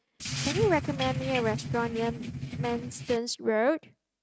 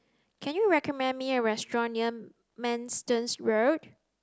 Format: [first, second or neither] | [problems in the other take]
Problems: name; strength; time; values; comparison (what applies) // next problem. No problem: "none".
second | noise reduction (neural mask model RNNoise)